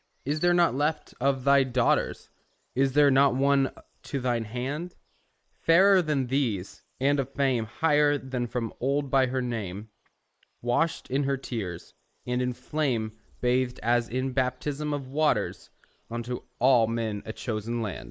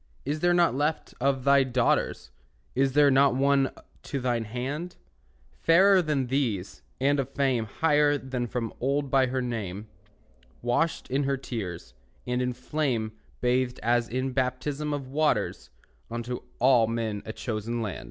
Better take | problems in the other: second | noise reduction (neural mask model Resemble Enhance denoiser)

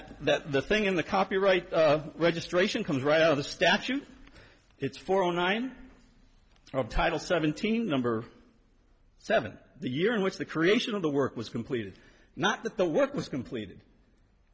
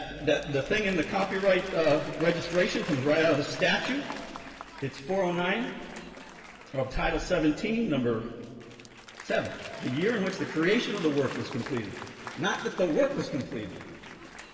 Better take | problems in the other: first | background sound (Applause / Crowd); 16 dB below the speech // room echo; dies away in 2.3 s

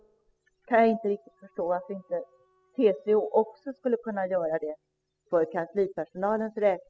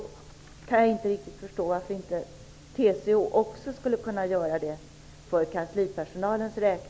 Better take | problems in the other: second | noise reduction (classical method spectral subtraction)

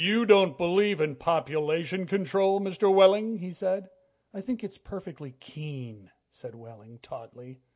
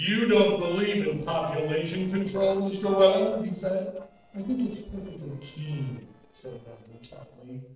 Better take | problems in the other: first | noise reduction (neural separator model SepFormer DNS4)

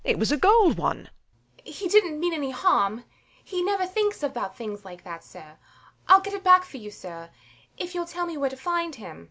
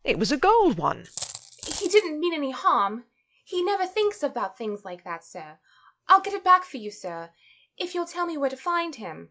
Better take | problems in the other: first | noise reduction (classical method log-MMSE)

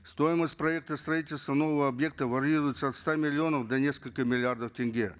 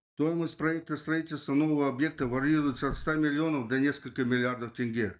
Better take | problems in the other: first | noise reduction (neural mask model DeepFilterNet 3)

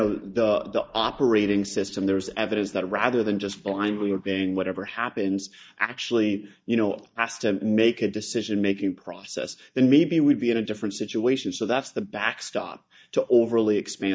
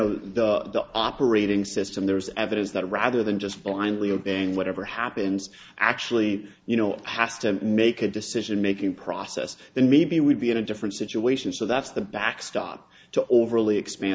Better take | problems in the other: second | noise reduction (neural mask model DeepFilterNet 3)

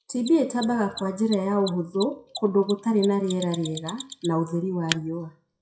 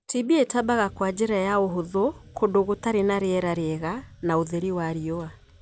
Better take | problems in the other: second | noise reduction (classical method WPE with log-MMSE)

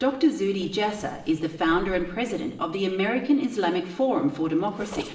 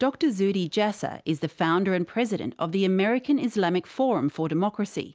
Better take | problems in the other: second | background sound (Zipper (clothing)); 19 dB below the speech // room echo; dies away in 0.9 s

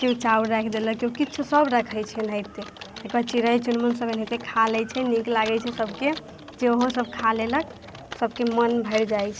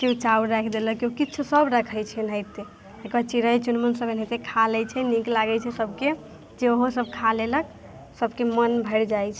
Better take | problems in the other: second | background sound (Typing); 17 dB below the speech

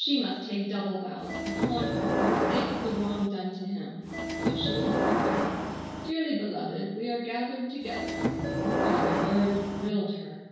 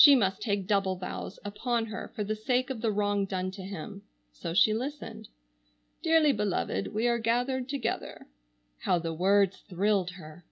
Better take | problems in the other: second | background sound (Subway, metro, underground / Sliding door); 3 dB above the speech // room echo; dies away in 1 s

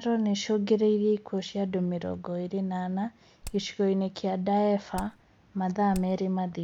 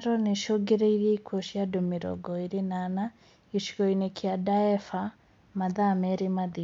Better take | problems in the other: second | background sound (Hammer); 14 dB below the speech

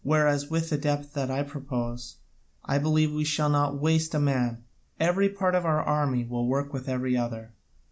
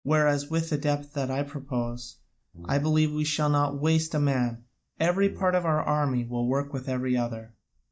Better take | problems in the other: first | noise reduction (neural mask model DeepFilterNet 3)

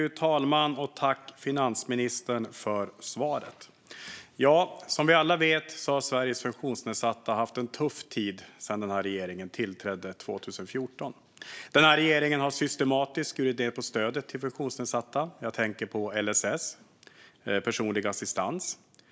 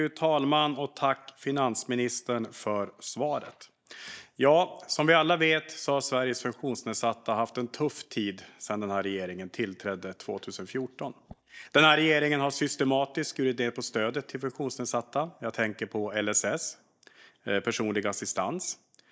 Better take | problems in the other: first | noise reduction (neural mask model DeepFilterNet 3)

